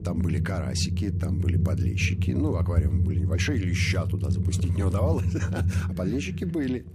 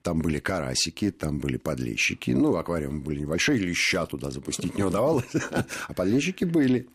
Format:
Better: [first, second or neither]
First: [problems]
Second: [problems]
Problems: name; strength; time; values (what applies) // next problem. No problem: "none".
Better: second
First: low rumble; loud; throughout; 7 dB below the speech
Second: none